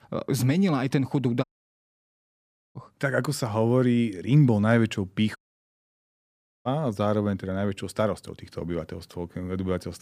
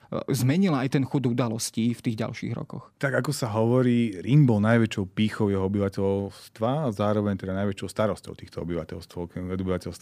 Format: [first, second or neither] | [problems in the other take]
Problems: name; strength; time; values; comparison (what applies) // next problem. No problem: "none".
second | audio cutting out; at 1.5 s for 1.5 s and at 5.5 s for 1.5 s